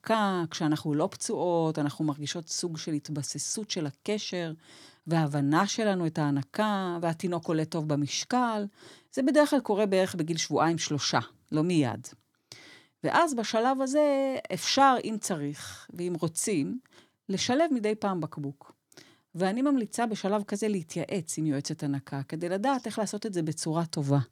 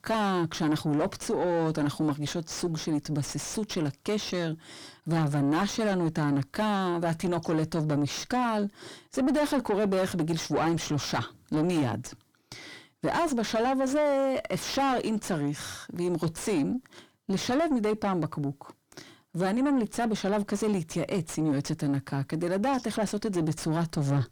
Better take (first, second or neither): first